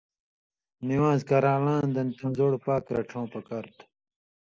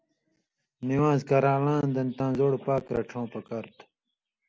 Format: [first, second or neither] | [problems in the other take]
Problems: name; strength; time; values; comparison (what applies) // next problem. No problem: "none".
second | noise reduction (neural mask model Resemble Enhance denoiser)